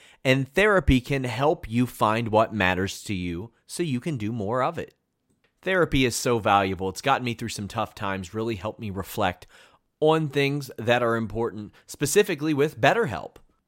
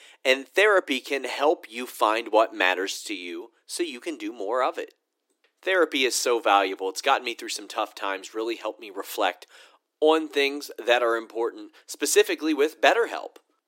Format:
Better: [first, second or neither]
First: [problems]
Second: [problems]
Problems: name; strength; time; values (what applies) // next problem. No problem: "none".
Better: first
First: none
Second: thin; somewhat; fading below 300 Hz